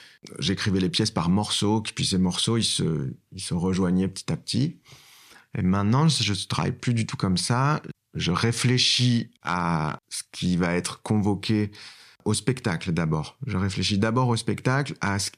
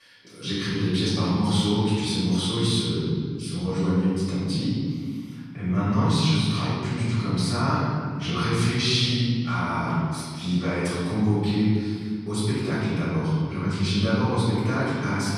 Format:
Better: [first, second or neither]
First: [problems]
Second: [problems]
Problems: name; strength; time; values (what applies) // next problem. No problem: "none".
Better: first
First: none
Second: off-mic speech; far // room echo; strong; dies away in 1.9 s